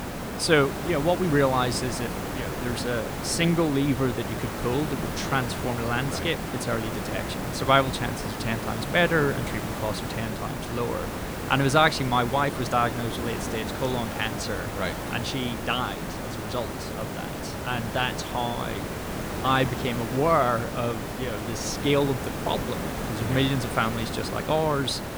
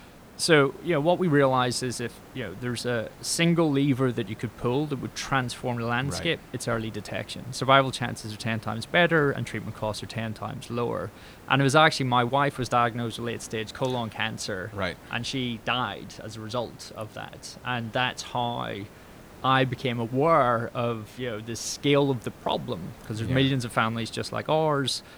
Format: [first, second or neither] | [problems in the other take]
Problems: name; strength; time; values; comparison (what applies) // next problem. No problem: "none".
second | hiss; loud; throughout; 5 dB below the speech; faint in the second